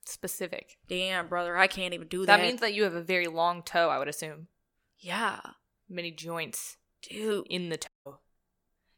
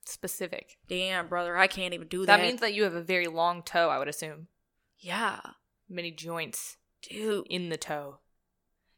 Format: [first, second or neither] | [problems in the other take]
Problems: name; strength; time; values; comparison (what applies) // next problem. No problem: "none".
second | audio cutting out; at 8 s